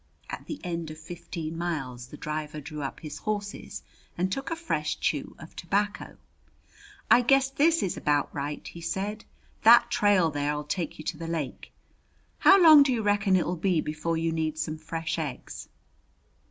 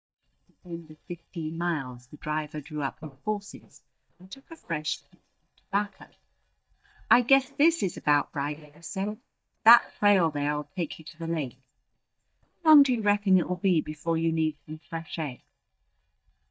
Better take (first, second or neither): first